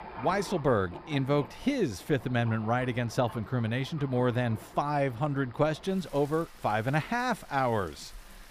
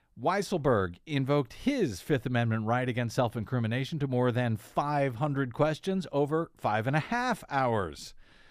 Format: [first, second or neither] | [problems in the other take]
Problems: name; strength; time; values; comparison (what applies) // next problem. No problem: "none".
second | rain or running water; noticeable; throughout; 20 dB below the speech